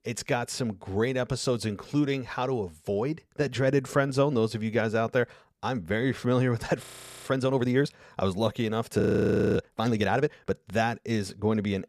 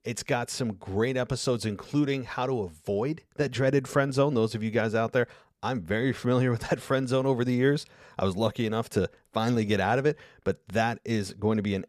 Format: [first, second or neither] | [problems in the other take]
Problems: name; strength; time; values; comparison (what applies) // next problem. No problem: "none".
second | audio freezing; at 7 s and at 9 s for 0.5 s